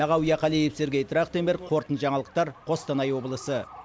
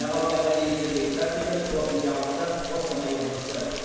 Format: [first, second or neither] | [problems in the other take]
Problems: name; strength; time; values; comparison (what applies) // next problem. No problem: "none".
first | background sound (Rain); 11 dB below the speech // room echo; dies away in 1.9 s